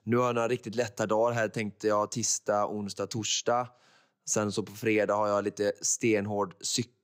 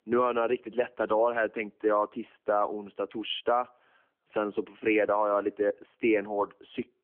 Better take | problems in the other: first | phone-call audio; nothing above 3.5 kHz

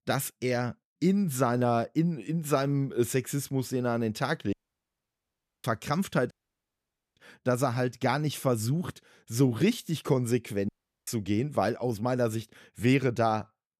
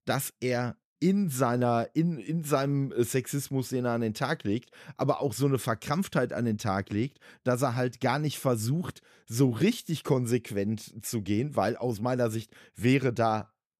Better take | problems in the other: second | audio cutting out; at 4.5 s for 1 s, at 6.5 s for 1 s and at 11 s

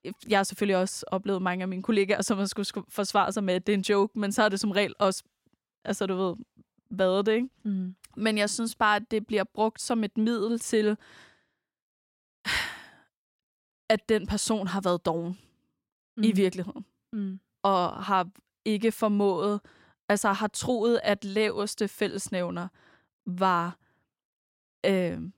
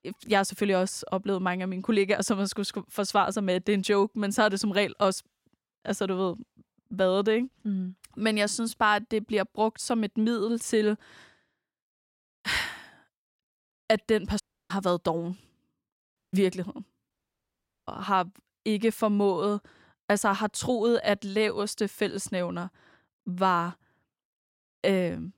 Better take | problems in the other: first | audio cutting out; at 14 s, at 16 s and at 17 s for 1 s

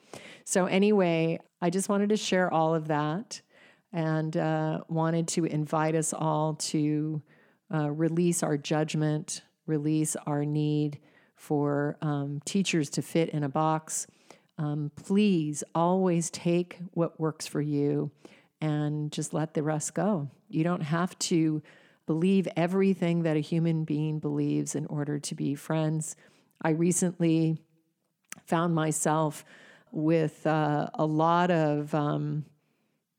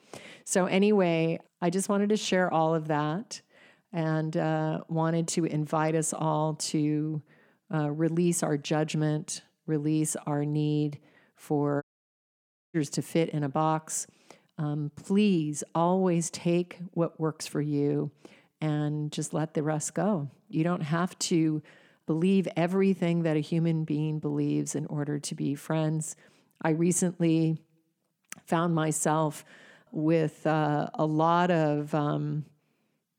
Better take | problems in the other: first | audio cutting out; at 12 s for 1 s

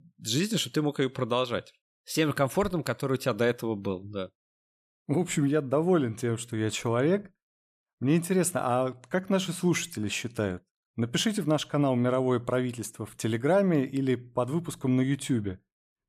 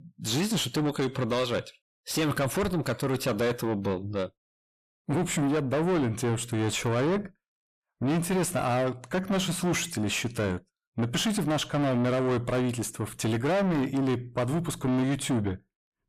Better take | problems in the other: first | distortion; heavy; 7 dB below the speech

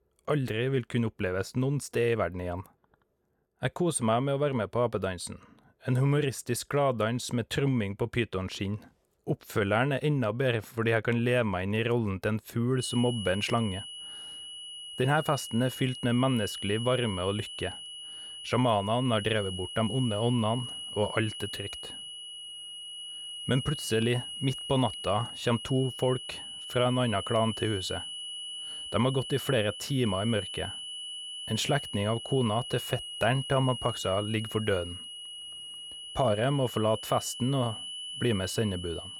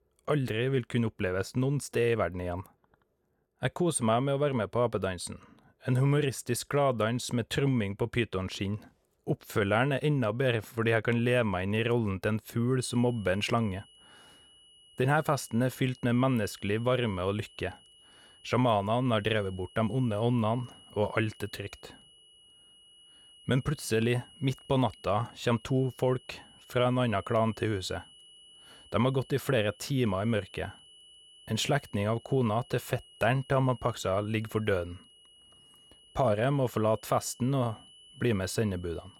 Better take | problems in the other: second | high-pitched whine; loud; from 13 s on; 3 kHz, 8 dB below the speech; faint in the second

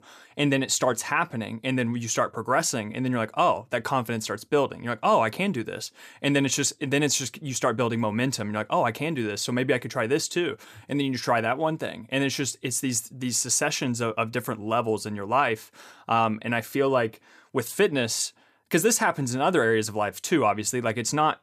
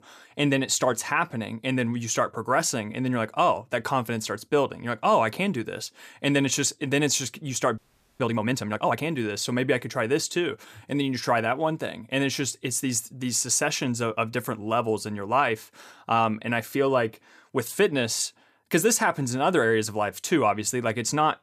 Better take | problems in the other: first | audio freezing; at 8 s

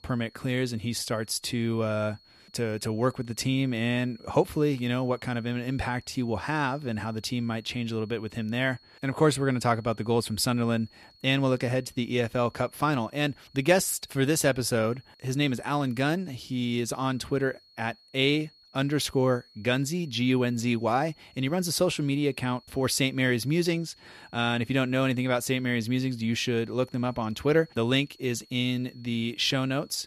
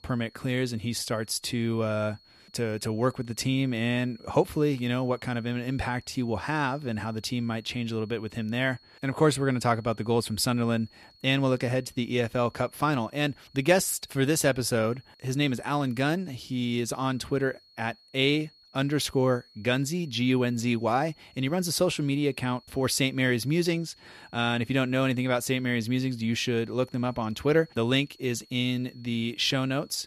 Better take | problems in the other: neither | high-pitched whine; faint; throughout; 4.5 kHz, 30 dB below the speech; the same in both

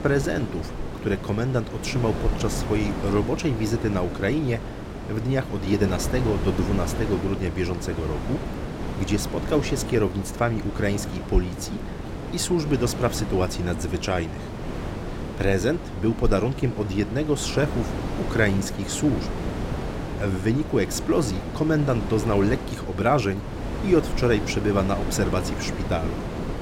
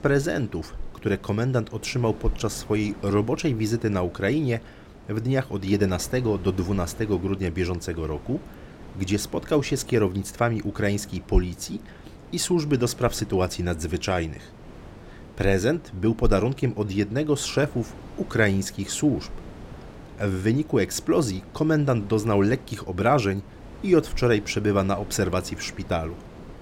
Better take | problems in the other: second | wind noise on the microphone; heavy; 7 dB below the speech; occasional gusts in the second

